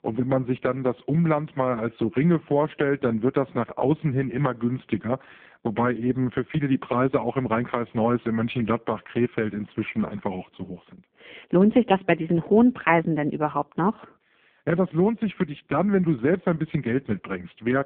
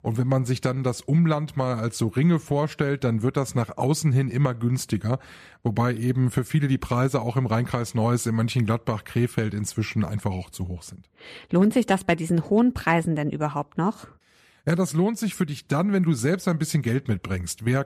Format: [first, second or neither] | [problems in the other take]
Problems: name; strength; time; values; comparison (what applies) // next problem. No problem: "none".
second | phone-call audio; poor line